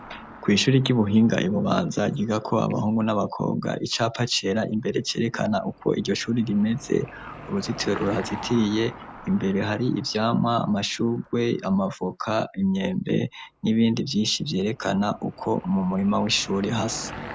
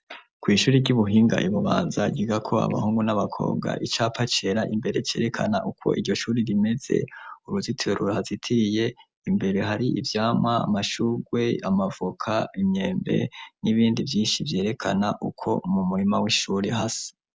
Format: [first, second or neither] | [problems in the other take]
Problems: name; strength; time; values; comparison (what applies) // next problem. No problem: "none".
second | background sound (Car passing by / Engine); 19 dB below the speech